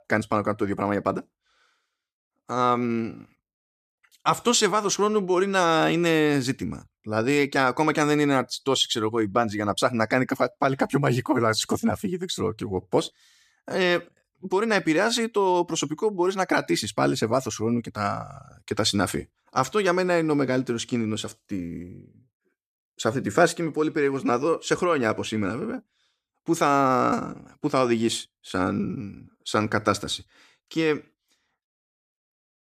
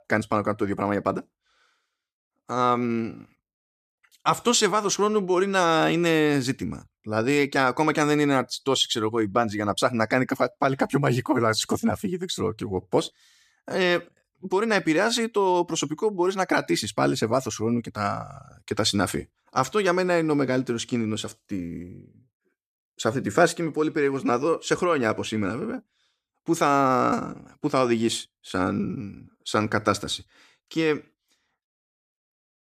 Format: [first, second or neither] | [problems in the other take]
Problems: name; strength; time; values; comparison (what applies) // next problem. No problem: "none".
neither | none